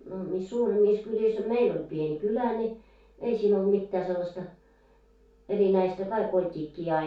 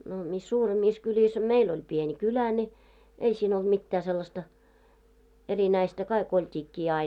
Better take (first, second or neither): second